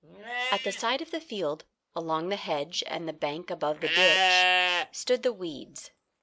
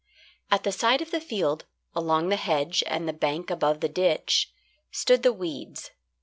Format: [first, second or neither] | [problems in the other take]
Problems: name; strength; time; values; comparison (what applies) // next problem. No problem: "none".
second | noise reduction (neural mask model Resemble Enhance denoiser)